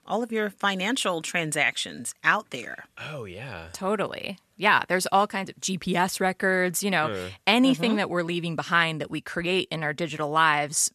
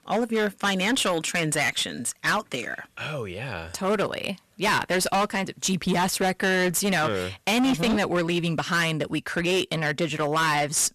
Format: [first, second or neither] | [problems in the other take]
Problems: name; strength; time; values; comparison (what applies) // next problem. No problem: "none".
first | distortion; heavy; 14% of the sound clipped